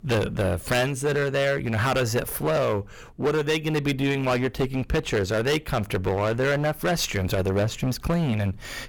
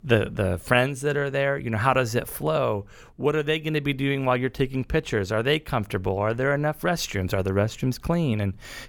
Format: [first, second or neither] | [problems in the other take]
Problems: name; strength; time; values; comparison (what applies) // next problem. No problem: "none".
second | distortion; heavy; 15% of the sound clipped